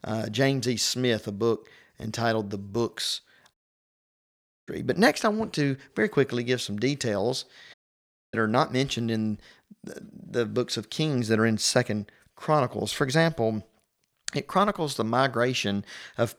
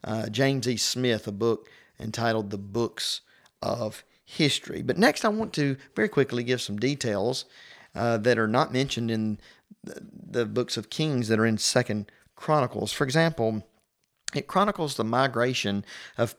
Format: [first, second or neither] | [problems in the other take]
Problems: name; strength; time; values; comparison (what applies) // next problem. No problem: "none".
second | audio cutting out; at 3.5 s for 1 s and at 7.5 s for 0.5 s